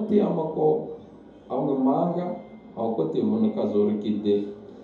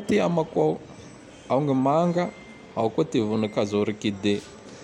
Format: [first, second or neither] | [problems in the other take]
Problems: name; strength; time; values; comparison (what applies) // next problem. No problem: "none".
second | room echo; dies away in 2.6 s